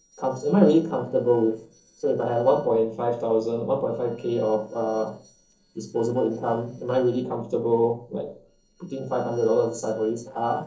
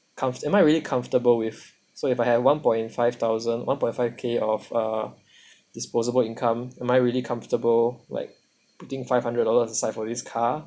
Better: second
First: noise reduction (neural separator model SepFormer DNS4)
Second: none

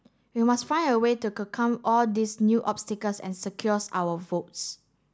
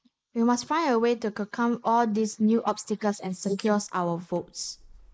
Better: first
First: none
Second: noise reduction (neural mask model Resemble Enhance denoiser)

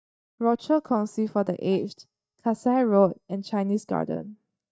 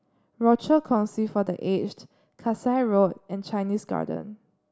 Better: second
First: noise reduction (neural mask model DeepFilterNet 3)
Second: none

